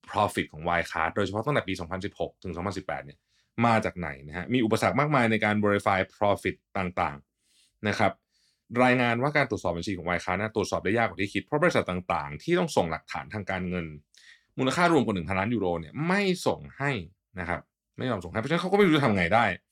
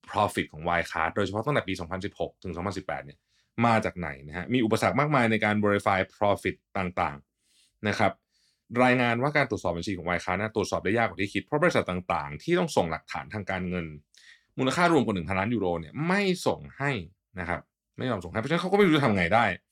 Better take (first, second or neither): neither